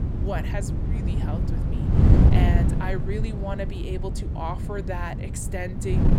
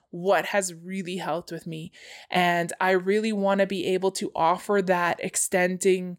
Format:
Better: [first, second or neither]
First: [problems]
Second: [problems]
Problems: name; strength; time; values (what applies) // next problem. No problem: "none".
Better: second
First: wind noise on the microphone; heavy; 1 dB below the speech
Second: none